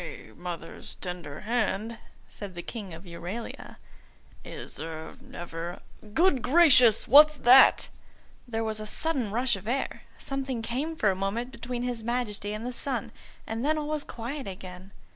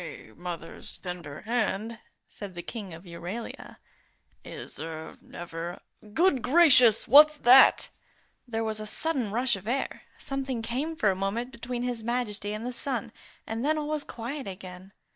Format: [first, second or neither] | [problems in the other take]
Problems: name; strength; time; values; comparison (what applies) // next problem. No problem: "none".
first | noise reduction (neural mask model DeepFilterNet 3)